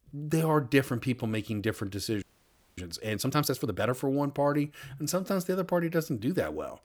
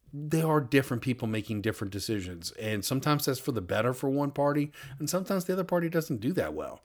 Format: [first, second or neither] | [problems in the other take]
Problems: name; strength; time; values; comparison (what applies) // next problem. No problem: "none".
second | audio freezing; at 2 s for 0.5 s